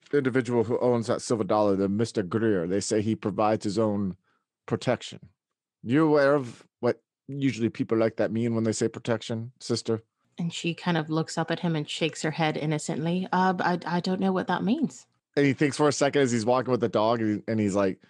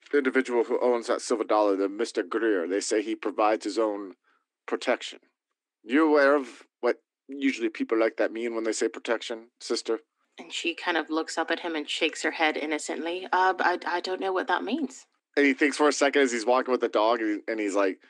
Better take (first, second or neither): first